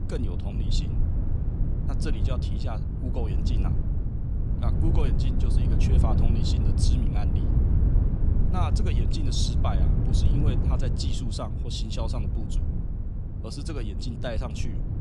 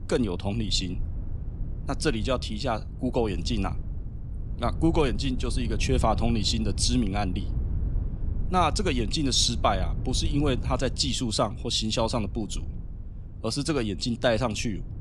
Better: second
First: wind noise on the microphone; heavy; 2 dB below the speech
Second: wind noise on the microphone; occasional gusts; 20 dB below the speech

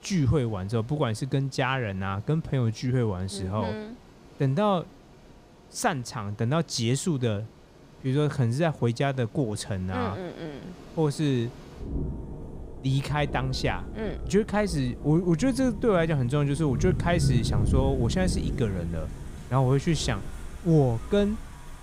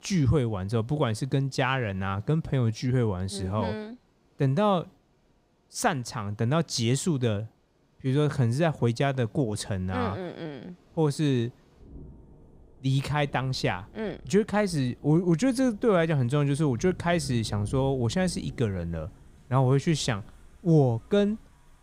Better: second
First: rain or running water; loud; throughout; 7 dB below the speech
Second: rain or running water; faint; throughout; 20 dB below the speech

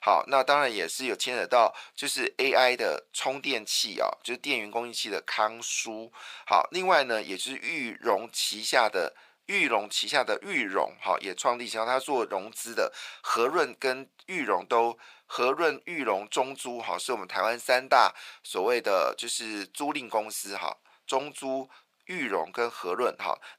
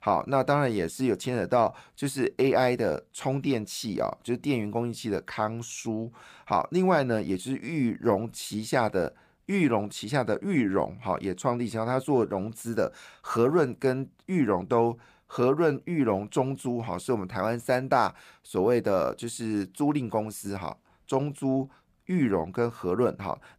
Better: second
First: thin; very; fading below 650 Hz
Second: none

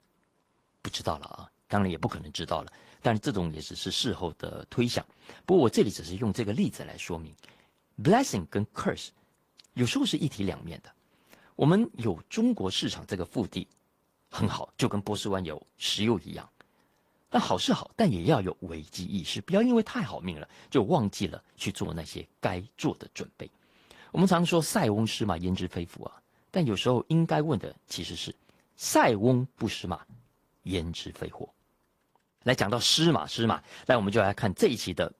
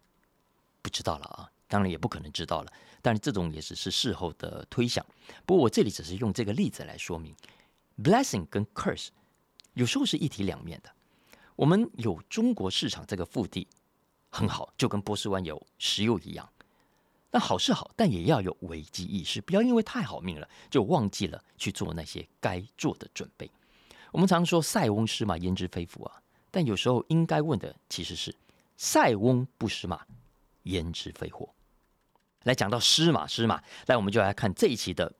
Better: second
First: garbled, watery; slightly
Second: none

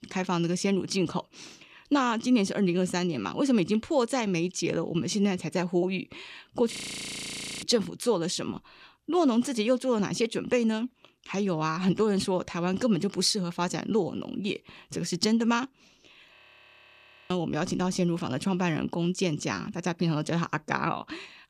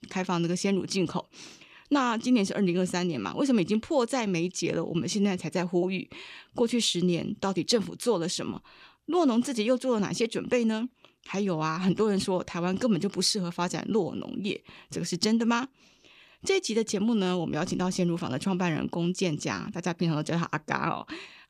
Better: second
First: audio freezing; at 6.5 s for 1 s and at 16 s for 1 s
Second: none

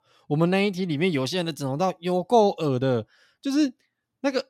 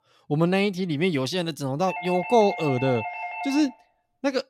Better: first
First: none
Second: doorbell; noticeable; from 2 to 3.5 s; peak 7 dB below the speech

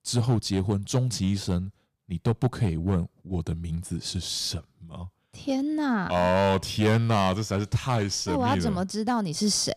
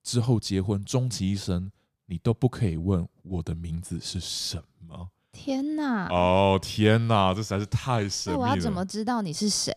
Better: second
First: distortion; slight; 3% of the sound clipped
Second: none

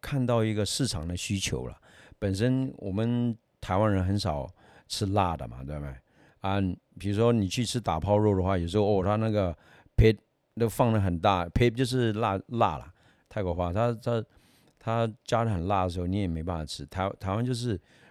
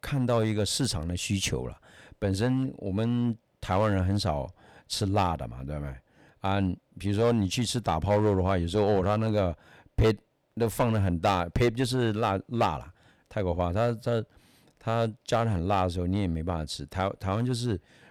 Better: first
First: none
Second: distortion; slight; 5% of the sound clipped

